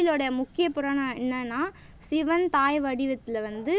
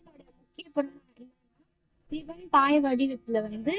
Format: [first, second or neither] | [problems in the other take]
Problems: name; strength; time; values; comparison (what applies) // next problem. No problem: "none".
first | noise reduction (neural mask model DeepFilterNet 3)